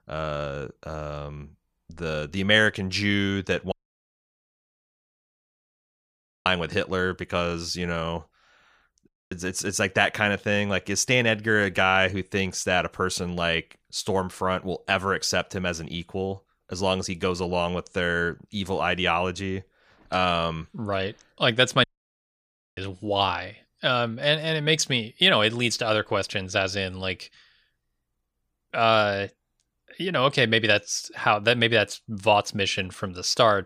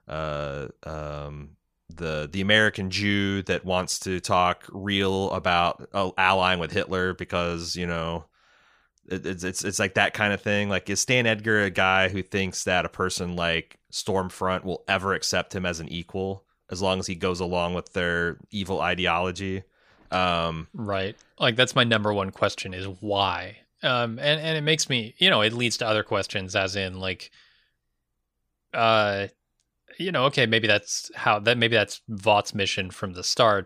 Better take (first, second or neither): second